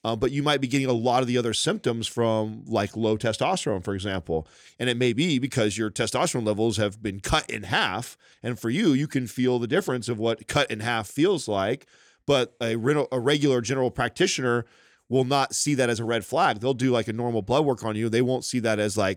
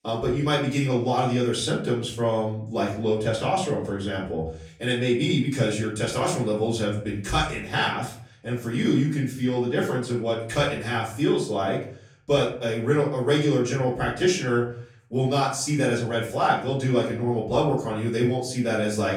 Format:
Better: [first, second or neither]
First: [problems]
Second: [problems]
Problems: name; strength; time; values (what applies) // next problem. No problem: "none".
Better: first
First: none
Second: off-mic speech; far // room echo; slight; dies away in 0.5 s